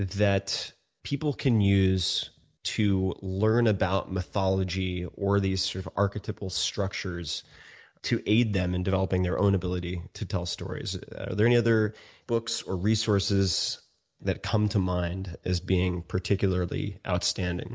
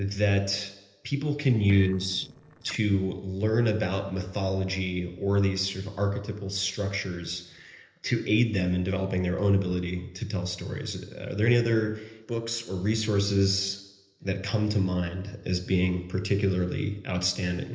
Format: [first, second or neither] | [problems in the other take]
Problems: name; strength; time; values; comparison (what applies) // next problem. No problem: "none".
first | noise reduction (neural separator model SepFormer DNS4)